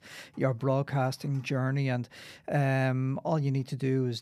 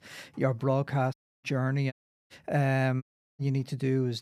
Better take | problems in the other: first | audio cutting out; at 1 s, at 2 s and at 3 s

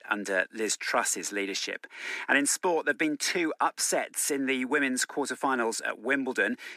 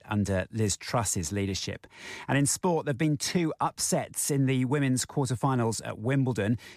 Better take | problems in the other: second | thin; somewhat; fading below 250 Hz

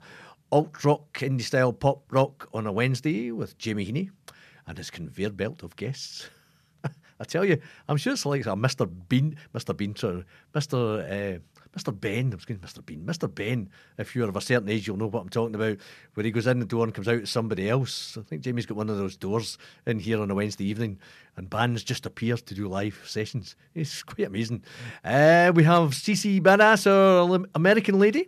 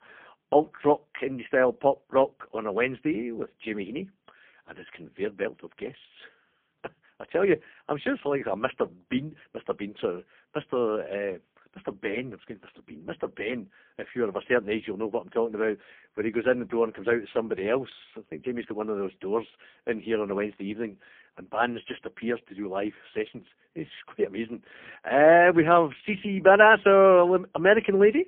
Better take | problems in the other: first | phone-call audio; poor line; nothing above 3 kHz

